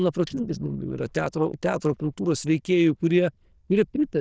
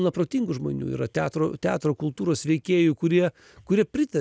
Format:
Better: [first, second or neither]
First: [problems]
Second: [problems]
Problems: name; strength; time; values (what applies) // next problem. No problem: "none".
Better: second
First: noise reduction (neural diffusion model UNIVERSE++)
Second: none